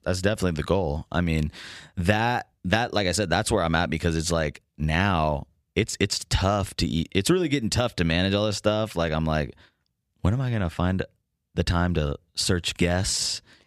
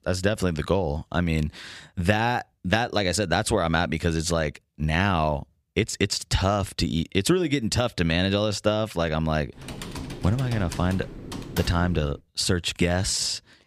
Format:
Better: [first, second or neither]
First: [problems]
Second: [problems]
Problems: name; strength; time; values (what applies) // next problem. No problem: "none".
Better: first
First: none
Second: keyboard typing; noticeable; from 9.5 to 12 s; peak 9 dB below the speech